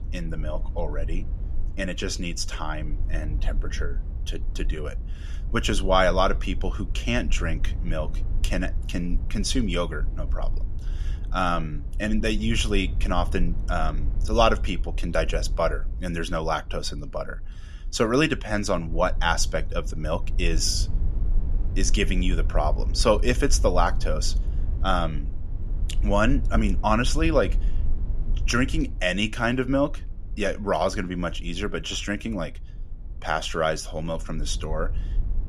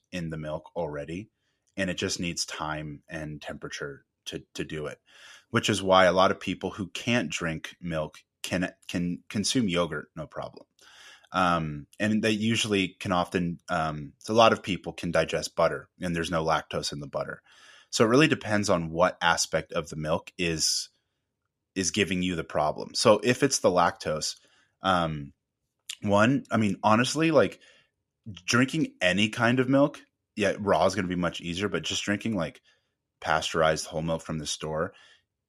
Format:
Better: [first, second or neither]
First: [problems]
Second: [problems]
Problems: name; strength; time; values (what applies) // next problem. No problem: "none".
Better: second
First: low rumble; faint; throughout; 25 dB below the speech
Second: none